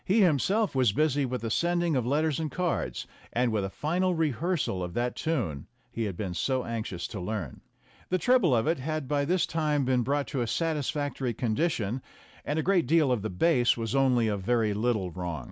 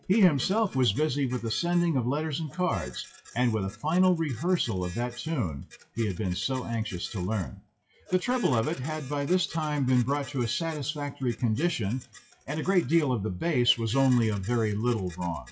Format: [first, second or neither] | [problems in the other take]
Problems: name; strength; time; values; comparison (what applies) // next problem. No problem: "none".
first | noise reduction (classical method WPE with log-MMSE)